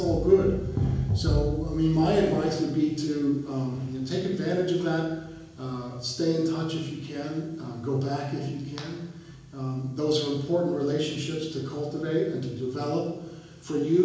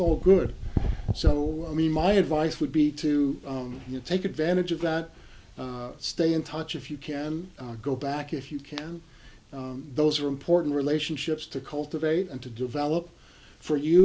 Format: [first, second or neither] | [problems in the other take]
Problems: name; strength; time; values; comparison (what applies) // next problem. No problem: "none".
second | room echo; dies away in 1 s